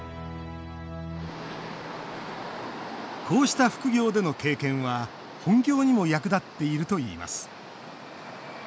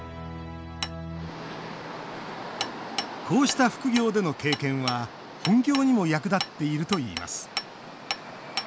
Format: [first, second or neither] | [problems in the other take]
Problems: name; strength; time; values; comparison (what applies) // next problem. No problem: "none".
first | background sound (Hammer); 11 dB below the speech